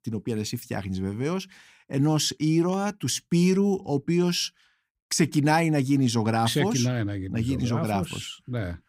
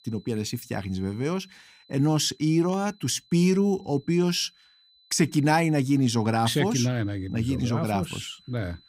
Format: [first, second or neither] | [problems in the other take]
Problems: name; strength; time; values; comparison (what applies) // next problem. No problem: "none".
first | high-pitched whine; faint; throughout; 4 kHz, 30 dB below the speech